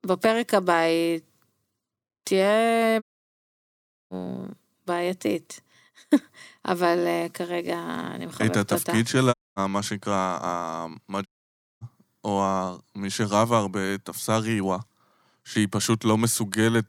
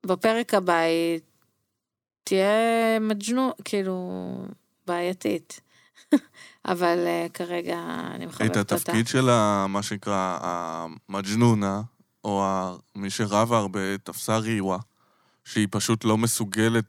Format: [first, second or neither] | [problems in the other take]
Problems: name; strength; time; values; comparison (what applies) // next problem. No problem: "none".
second | audio cutting out; at 3 s for 1 s, at 9.5 s and at 11 s for 0.5 s